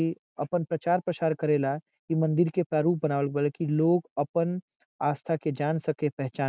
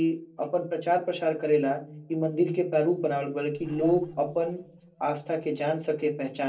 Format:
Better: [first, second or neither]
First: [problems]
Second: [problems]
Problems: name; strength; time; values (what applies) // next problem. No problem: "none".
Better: first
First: none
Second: noise reduction (neural separator model SepFormer DNS4)